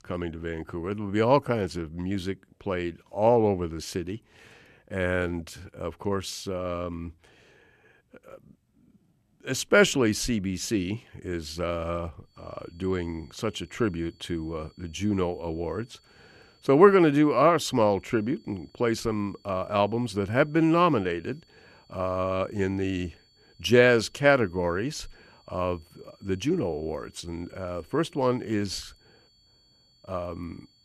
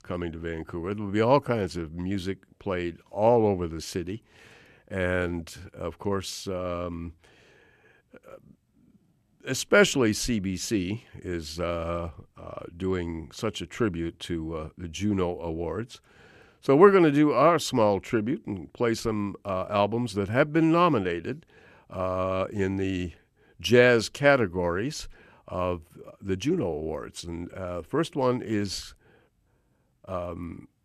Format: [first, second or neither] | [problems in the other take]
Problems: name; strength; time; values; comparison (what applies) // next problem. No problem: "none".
second | high-pitched whine; faint; from 12 s on; 4.5 kHz, 35 dB below the speech